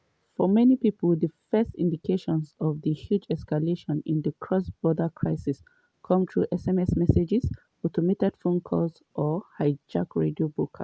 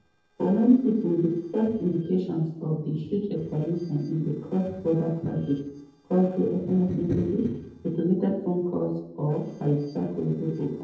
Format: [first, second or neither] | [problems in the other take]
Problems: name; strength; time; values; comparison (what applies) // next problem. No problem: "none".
first | noise reduction (neural separator model SepFormer DNS4)